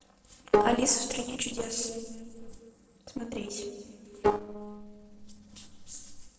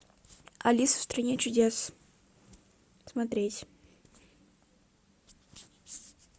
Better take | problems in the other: second | noise reduction (neural separator model SepFormer DNS4)

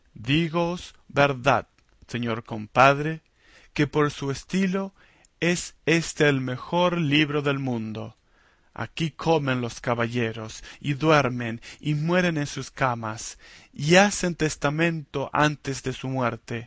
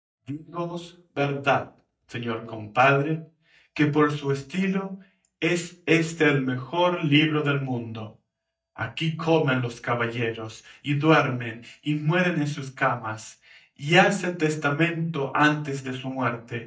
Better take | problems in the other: first | noise reduction (neural mask model DeepFilterNet 3)

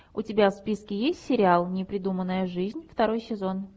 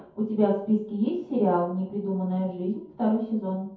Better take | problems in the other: first | room echo; dies away in 0.6 s

